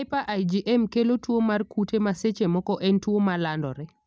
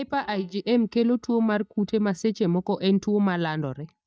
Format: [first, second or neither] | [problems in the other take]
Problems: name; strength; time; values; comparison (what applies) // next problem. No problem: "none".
first | noise reduction (neural mask model DeepFilterNet 3)